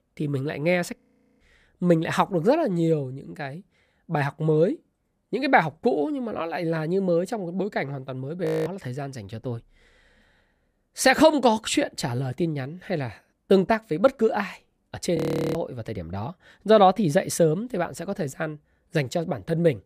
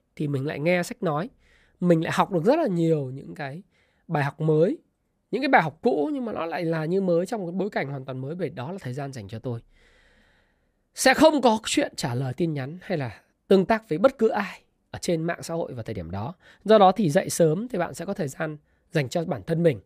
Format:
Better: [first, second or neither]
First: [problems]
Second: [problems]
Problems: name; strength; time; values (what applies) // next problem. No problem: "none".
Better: second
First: audio freezing; at 1 s, at 8.5 s and at 15 s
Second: none